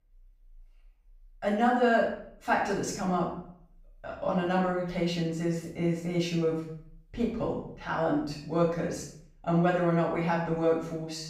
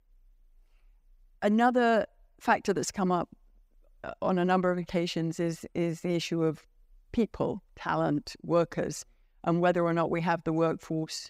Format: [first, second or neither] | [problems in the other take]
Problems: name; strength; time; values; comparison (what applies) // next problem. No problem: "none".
second | room echo; noticeable; dies away in 0.5 s // off-mic speech; far